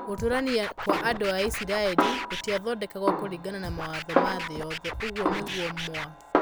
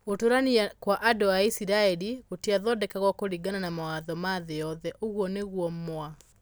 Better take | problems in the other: second | background sound (Scratching (performance technique) + Snare drum); as loud as the speech

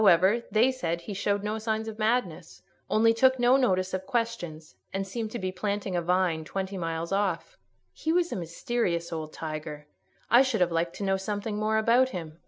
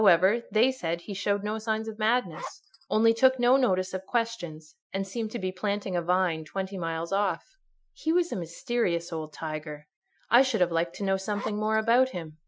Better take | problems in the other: first | noise reduction (classical method Wiener filter)

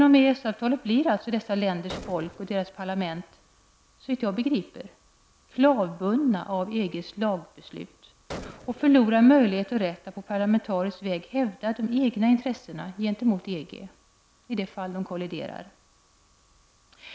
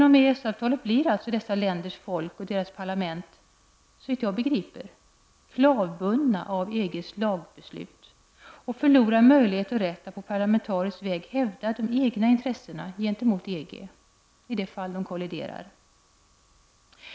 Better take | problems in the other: second | background sound (Gunshot, gunfire); 19 dB below the speech

